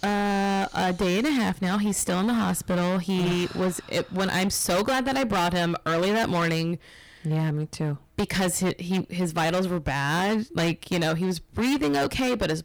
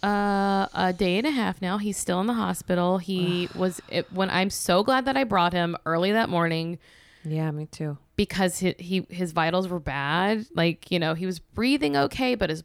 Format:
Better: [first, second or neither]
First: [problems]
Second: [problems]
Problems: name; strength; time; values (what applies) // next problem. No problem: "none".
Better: second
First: distortion; heavy; 22% of the sound clipped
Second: none